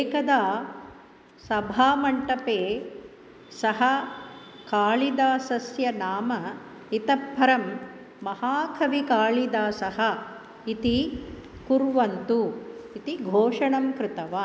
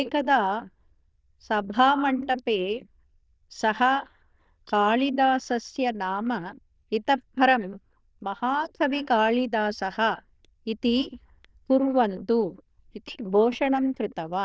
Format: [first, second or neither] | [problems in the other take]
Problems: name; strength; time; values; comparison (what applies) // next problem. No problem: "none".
first | noise reduction (neural diffusion model UNIVERSE++)